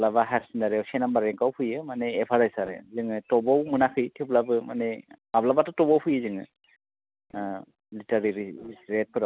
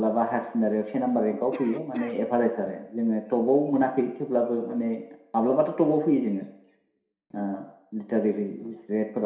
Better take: first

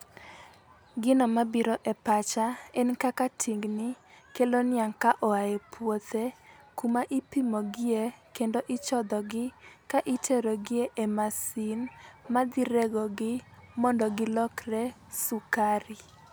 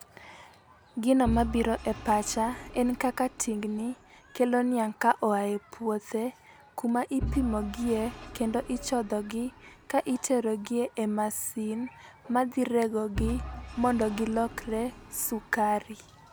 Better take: first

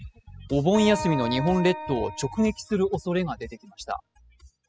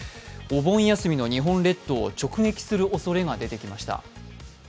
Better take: second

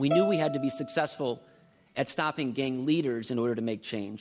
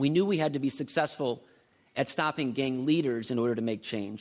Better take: second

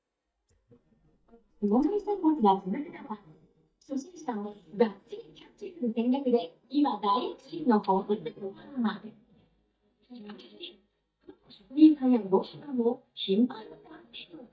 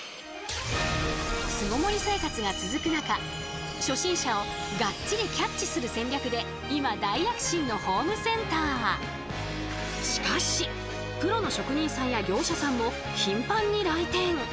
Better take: second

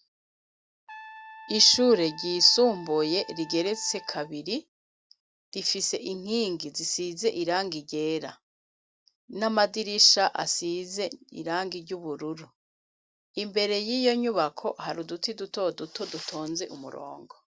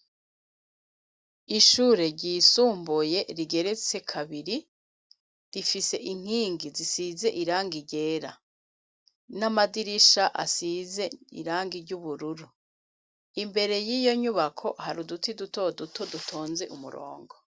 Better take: second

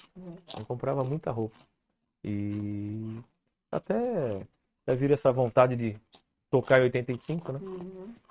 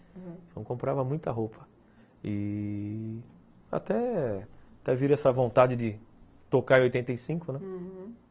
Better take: second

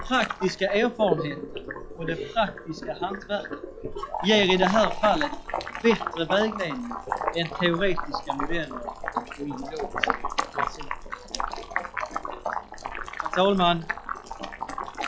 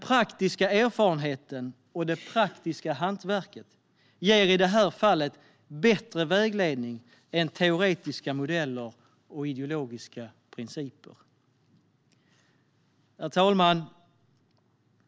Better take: second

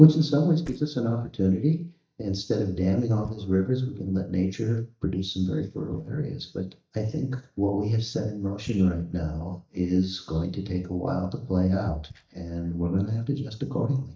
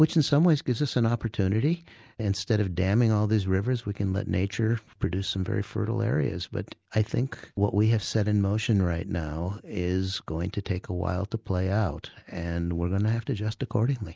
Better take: second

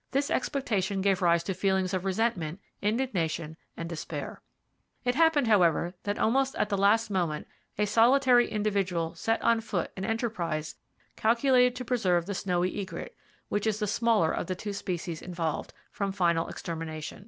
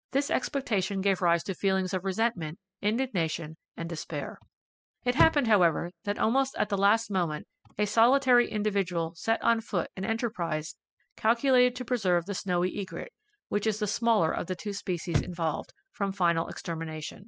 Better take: first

